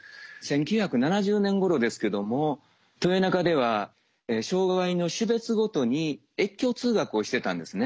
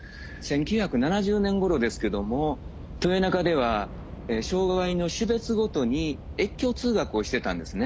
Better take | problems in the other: first | background sound (Subway, metro, underground / Train); 12 dB below the speech

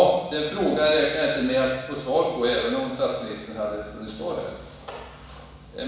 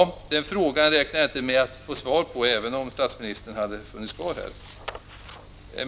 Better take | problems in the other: second | room echo; dies away in 1.1 s

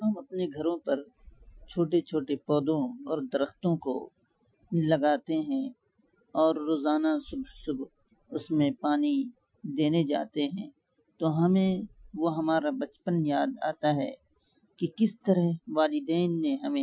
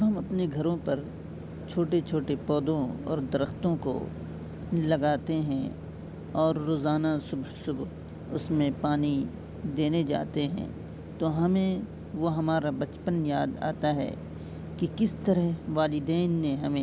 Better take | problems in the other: second | noise reduction (classical method Wiener filter)

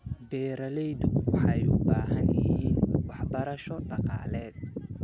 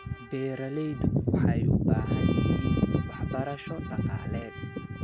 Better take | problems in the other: first | background sound (Trumpet); 18 dB below the speech

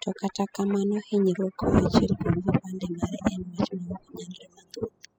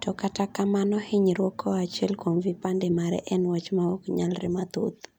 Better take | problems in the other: second | noise reduction (classical method spectral subtraction)

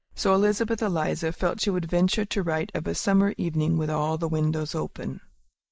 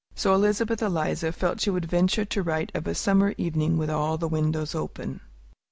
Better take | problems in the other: second | noise reduction (neural mask model Resemble Enhance denoiser)

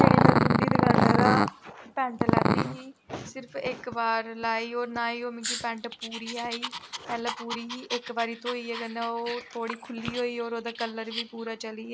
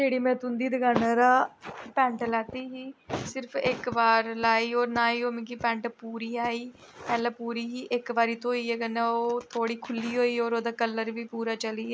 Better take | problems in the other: second | background sound (Growling); 4 dB above the speech

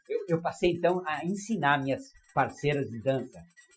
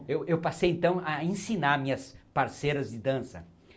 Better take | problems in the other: second | noise reduction (classical method Wiener filter)

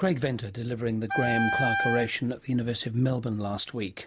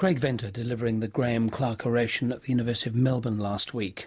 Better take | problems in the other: second | background sound (Wind instrument, woodwind instrument); 2 dB below the speech

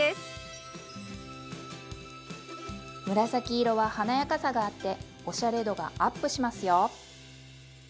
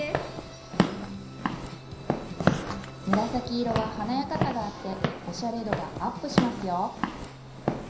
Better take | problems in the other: first | background sound (Walk, footsteps / Siren); 1 dB above the speech // room echo; dies away in 0.5 s

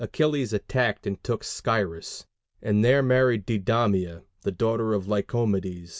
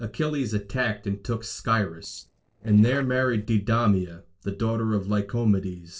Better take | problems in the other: first | noise reduction (neural separator model SepFormer DNS4)

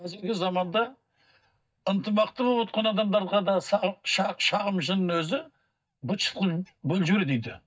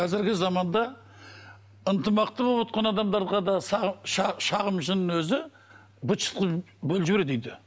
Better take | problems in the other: second | noise reduction (neural mask model DeepFilterNet 3)

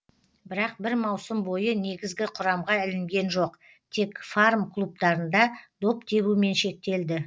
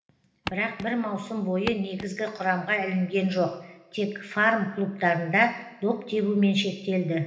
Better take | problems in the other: first | background sound (Walk, footsteps); 11 dB below the speech // room echo; dies away in 1.1 s

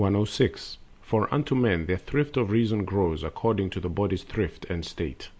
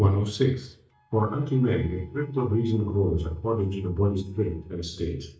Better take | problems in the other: first | noise reduction (neural mask model DeepFilterNet 3)

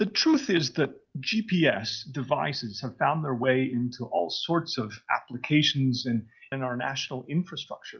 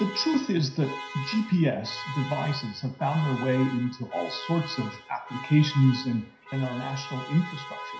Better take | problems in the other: first | background sound (Alarm); 13 dB below the speech // room echo; dies away in 0.5 s

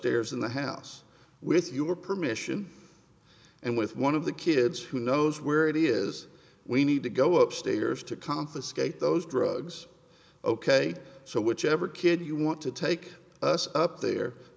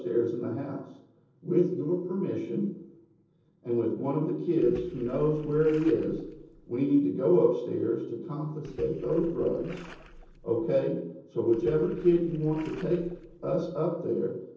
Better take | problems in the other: first | noise reduction (neural separator model SepFormer DNS4)

